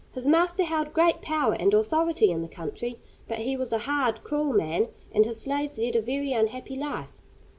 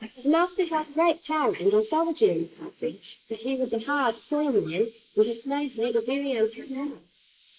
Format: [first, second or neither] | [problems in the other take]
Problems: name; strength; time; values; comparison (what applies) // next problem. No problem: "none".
first | noise reduction (neural mask model Resemble Enhance denoiser)